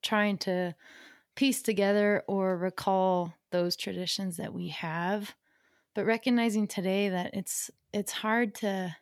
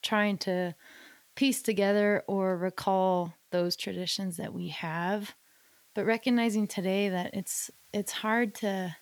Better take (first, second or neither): first